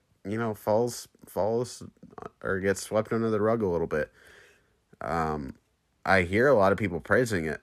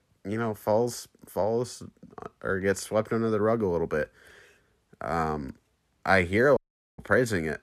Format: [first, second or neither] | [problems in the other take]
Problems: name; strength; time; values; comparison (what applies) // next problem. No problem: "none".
first | audio cutting out; at 6.5 s